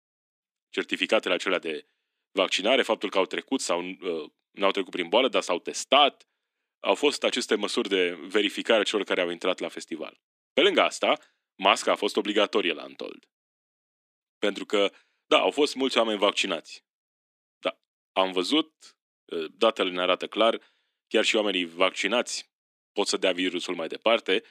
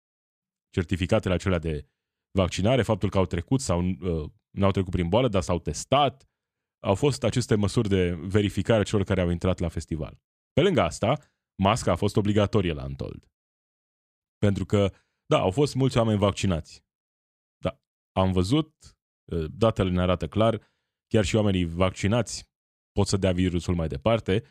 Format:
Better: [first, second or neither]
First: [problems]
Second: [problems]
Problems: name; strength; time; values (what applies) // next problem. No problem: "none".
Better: second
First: thin; somewhat; fading below 250 Hz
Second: none